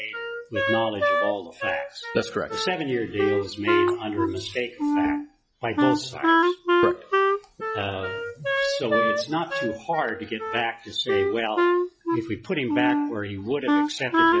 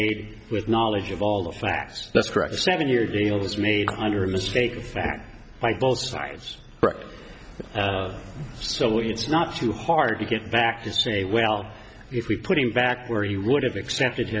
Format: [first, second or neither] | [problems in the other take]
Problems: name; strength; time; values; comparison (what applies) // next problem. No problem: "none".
second | noise reduction (classical method log-MMSE)